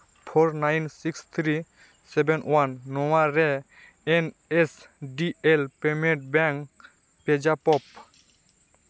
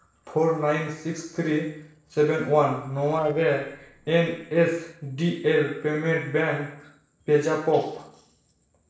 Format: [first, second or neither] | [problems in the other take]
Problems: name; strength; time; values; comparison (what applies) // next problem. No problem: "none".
first | noise reduction (neural separator model SepFormer DNS4)